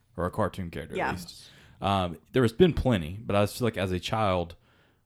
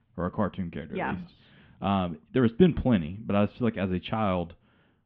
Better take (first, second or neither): first